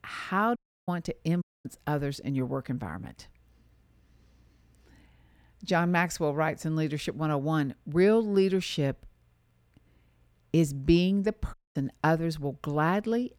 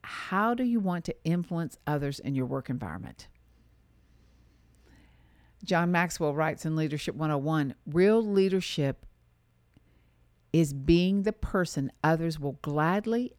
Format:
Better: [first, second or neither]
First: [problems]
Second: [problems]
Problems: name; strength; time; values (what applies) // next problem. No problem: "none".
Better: second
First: audio cutting out; at 0.5 s, at 1.5 s and at 12 s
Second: none